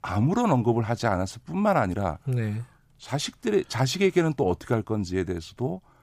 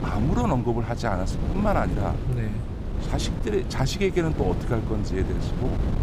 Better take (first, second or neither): first